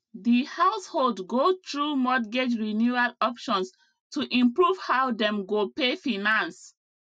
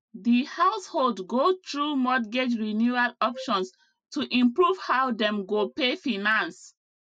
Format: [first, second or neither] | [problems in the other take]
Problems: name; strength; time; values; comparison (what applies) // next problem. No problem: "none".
first | noise reduction (neural mask model Resemble Enhance denoiser)